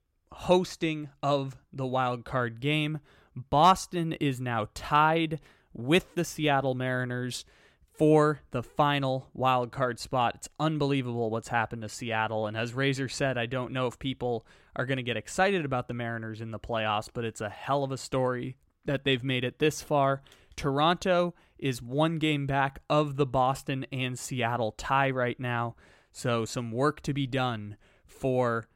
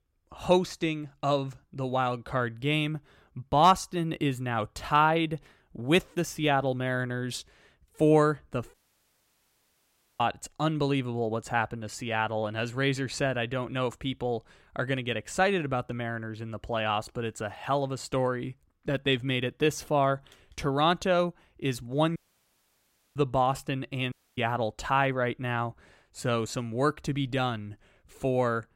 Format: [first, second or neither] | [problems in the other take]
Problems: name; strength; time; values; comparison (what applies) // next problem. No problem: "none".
first | audio cutting out; at 8.5 s for 1.5 s, at 22 s for 1 s and at 24 s